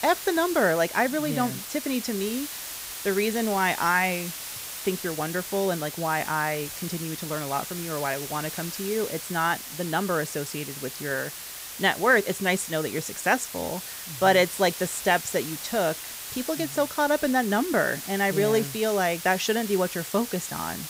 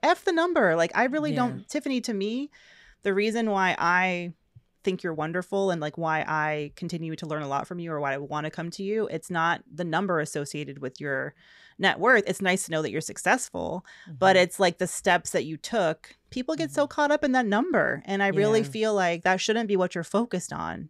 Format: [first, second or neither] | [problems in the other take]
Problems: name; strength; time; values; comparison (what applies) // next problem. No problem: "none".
second | hiss; loud; throughout; 8 dB below the speech